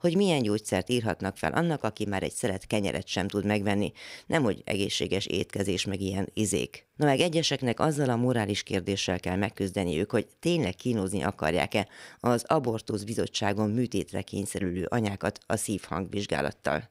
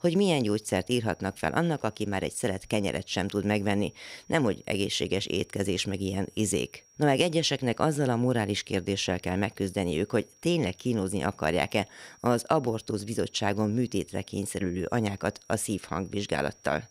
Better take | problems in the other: first | high-pitched whine; faint; throughout; 5.5 kHz, 30 dB below the speech

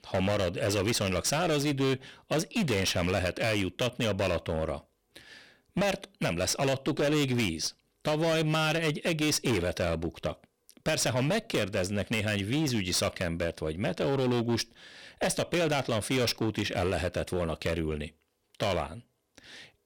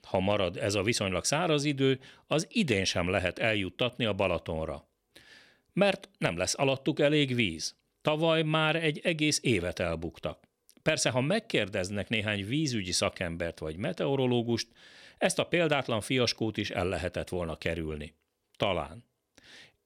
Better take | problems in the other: second | distortion; heavy; 17% of the sound clipped

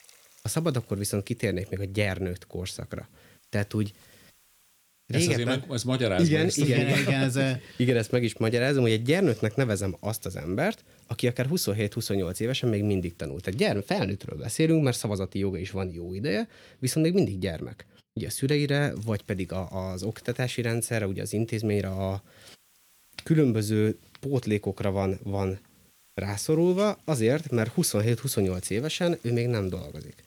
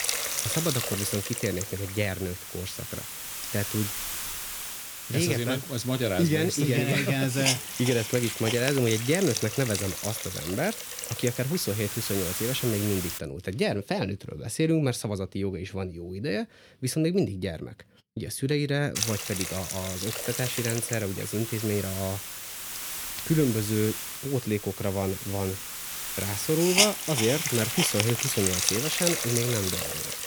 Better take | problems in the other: first | hiss; loud; until 13 s and from 19 s on; 2 dB below the speech; faint in the first

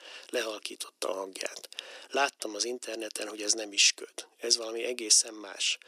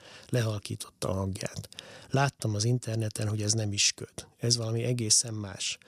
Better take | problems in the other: second | thin; very; fading below 300 Hz

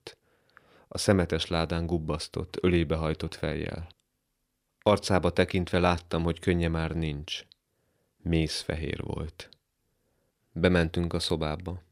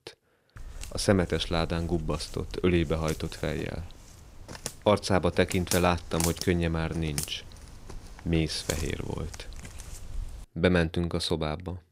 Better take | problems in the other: first | footsteps; noticeable; from 0.5 to 10 s; peak 3 dB below the speech

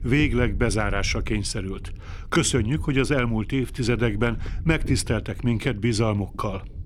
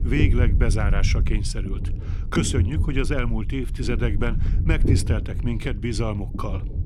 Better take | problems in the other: first | low rumble; loud; throughout; 8 dB below the speech; faint in the first

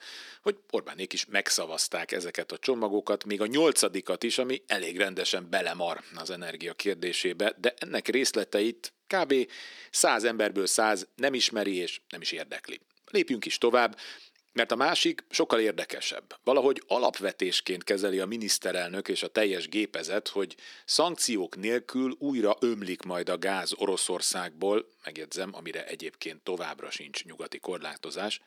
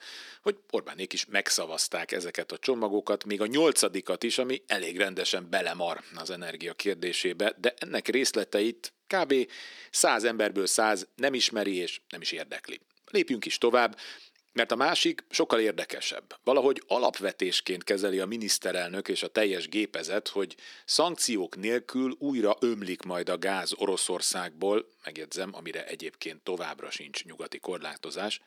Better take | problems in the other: neither | thin; somewhat; fading below 300 Hz; the same in both

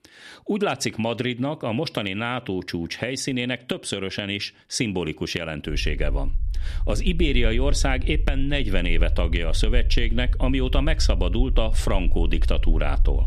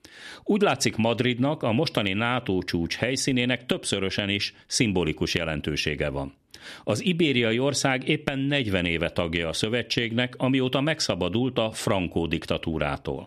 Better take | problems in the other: second | low rumble; faint; from 5.5 s on; 20 dB below the speech

